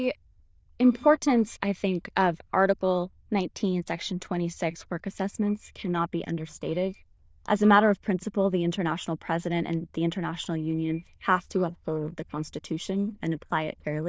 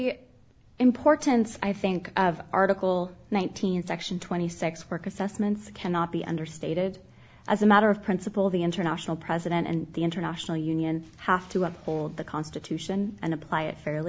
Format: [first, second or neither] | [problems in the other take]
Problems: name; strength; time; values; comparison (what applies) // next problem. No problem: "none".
second | noise reduction (neural diffusion model UNIVERSE++)